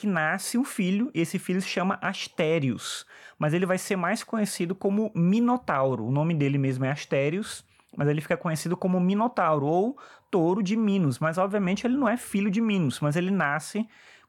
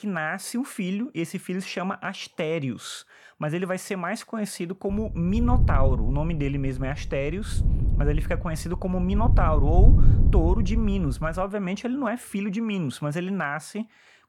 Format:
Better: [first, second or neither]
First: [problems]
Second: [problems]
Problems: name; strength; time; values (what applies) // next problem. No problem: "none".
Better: first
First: none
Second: wind noise on the microphone; heavy; from 5 to 11 s; 9 dB below the speech